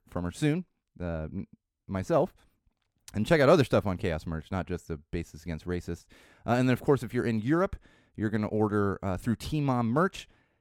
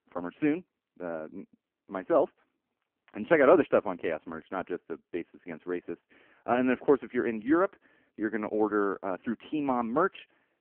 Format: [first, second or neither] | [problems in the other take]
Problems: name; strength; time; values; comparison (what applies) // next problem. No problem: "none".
first | phone-call audio; poor line